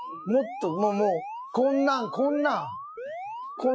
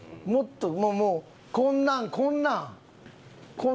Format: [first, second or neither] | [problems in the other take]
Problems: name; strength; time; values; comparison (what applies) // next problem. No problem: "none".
second | noise reduction (classical method Wiener filter)